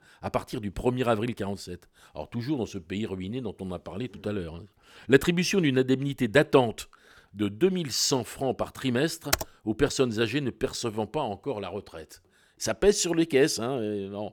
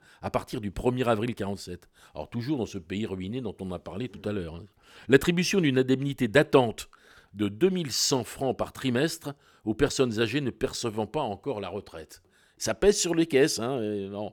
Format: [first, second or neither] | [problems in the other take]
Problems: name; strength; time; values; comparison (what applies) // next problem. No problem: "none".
second | keyboard typing; noticeable; at 9.5 s; peak 1 dB below the speech